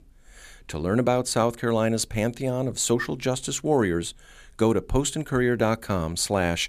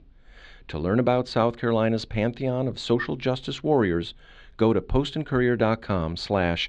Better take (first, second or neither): first